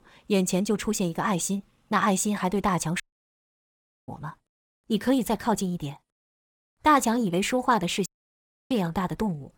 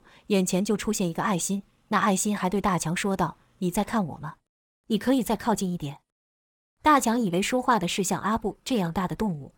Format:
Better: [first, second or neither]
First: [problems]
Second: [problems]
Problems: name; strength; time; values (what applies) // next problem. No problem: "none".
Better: second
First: audio cutting out; at 3 s for 1 s and at 8 s for 0.5 s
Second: none